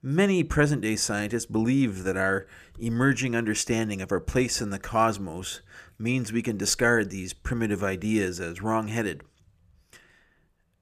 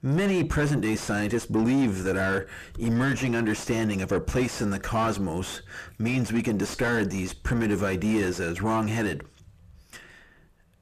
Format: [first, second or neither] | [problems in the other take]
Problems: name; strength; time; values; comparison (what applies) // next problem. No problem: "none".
first | distortion; heavy; 5 dB below the speech